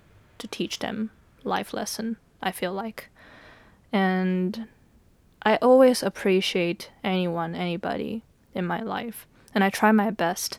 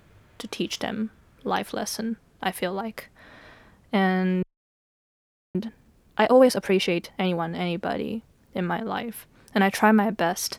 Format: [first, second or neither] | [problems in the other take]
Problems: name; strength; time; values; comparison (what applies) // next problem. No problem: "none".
first | audio freezing; at 4.5 s for 1 s